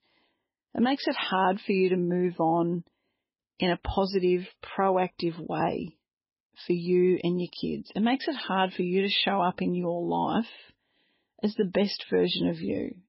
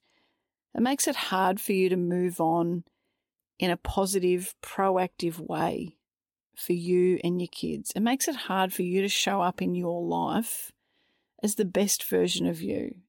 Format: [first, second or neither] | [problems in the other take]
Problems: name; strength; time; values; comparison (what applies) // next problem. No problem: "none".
second | garbled, watery; badly; nothing above 5.5 kHz